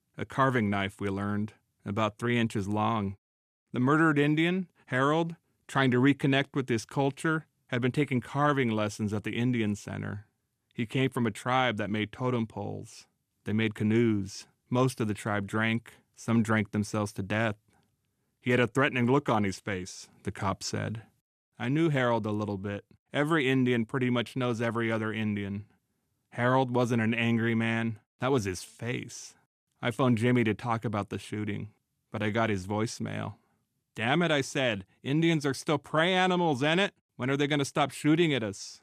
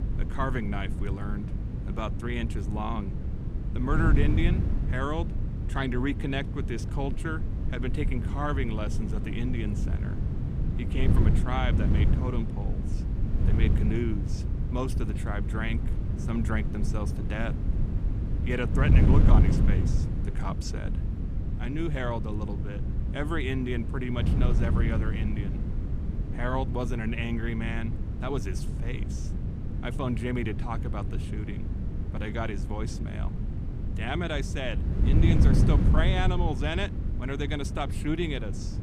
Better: first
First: none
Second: wind noise on the microphone; heavy; 6 dB below the speech

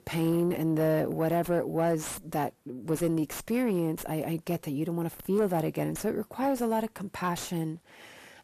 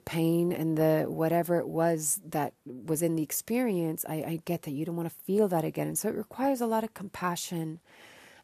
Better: second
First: distortion; slight; 10 dB below the speech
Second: none

